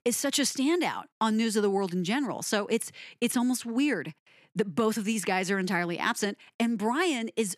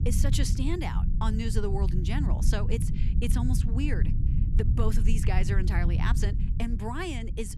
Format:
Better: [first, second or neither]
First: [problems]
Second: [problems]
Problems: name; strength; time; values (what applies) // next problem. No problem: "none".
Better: first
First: none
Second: low rumble; loud; throughout; 7 dB below the speech